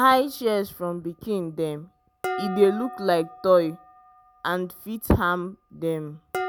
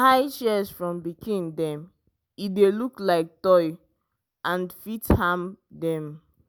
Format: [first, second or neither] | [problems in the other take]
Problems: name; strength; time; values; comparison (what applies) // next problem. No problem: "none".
second | background sound (Dishes, pots, and pans); 13 dB below the speech